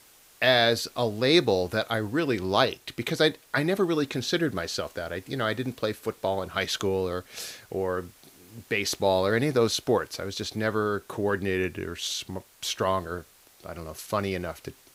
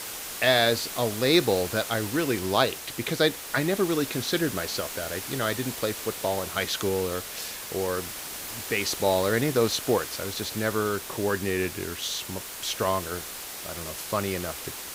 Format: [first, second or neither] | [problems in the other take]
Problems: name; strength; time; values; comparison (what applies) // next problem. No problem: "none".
first | hiss; loud; throughout; 7 dB below the speech; faint in the first